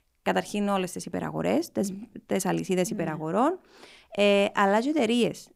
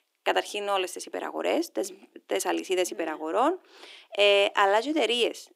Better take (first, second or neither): first